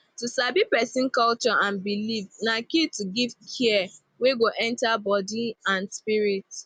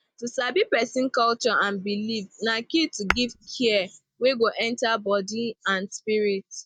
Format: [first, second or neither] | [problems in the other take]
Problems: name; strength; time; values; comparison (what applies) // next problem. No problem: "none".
first | noise reduction (neural mask model DeepFilterNet 3)